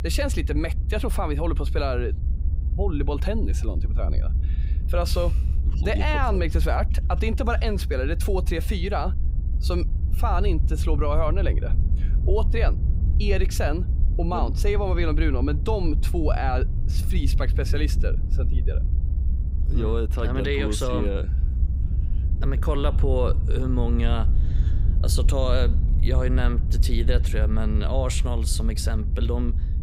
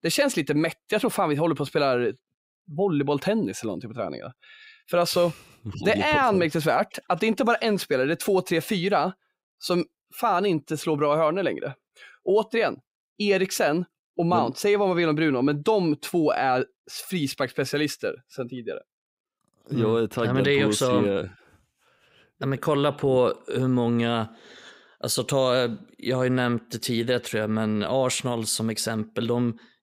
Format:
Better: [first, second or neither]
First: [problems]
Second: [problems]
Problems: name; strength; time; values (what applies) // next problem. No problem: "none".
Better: second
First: low rumble; noticeable; throughout; 15 dB below the speech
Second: none